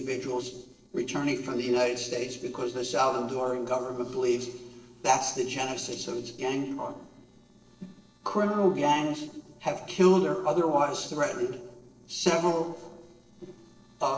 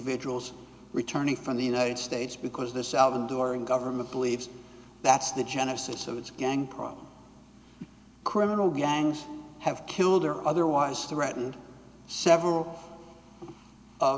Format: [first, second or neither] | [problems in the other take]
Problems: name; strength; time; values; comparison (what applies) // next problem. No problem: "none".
second | noise reduction (neural separator model SepFormer DNS4)